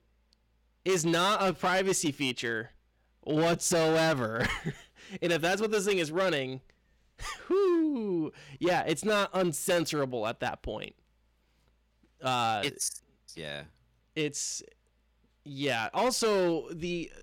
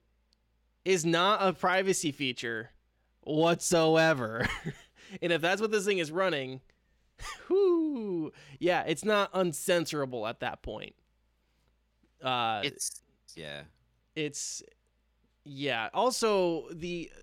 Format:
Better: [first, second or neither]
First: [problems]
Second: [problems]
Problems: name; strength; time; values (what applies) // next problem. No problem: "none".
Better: second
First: distortion; slight; 8% of the sound clipped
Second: none